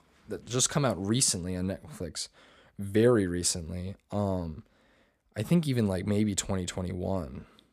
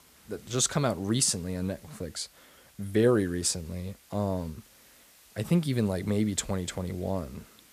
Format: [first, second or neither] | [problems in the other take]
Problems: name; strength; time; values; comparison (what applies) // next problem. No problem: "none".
first | hiss; faint; throughout; 25 dB below the speech